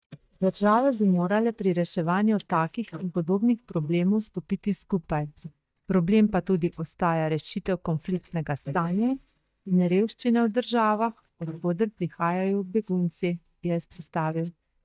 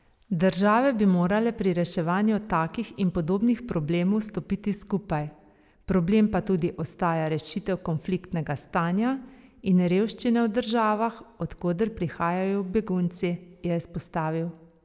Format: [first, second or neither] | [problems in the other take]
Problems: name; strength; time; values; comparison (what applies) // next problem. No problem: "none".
second | noise reduction (neural mask model DeepFilterNet 3)